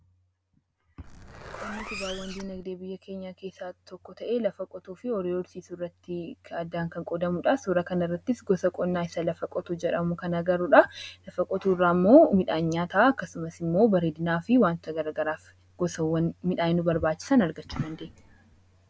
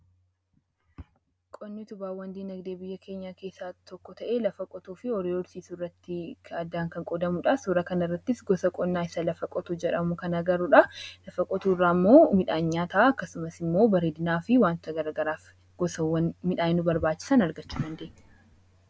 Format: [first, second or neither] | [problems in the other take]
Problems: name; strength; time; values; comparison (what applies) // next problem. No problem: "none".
second | background sound (Zipper (clothing)); 14 dB below the speech